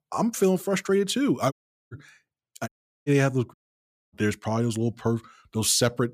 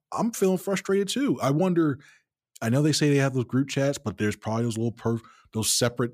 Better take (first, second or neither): second